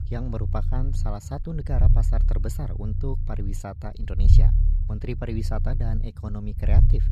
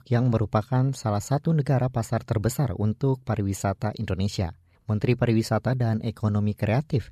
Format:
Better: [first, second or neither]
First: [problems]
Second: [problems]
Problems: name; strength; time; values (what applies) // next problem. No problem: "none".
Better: second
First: low rumble; loud; throughout; 5 dB below the speech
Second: none